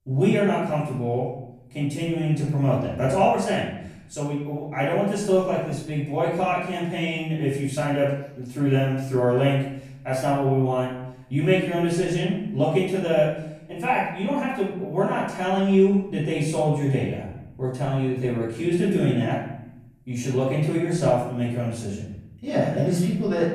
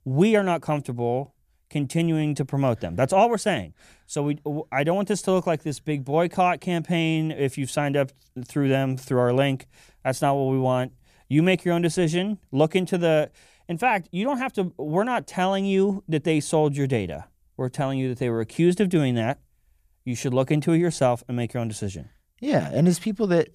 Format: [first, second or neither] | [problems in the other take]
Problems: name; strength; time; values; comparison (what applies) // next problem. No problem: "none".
second | off-mic speech; far // room echo; noticeable; dies away in 0.7 s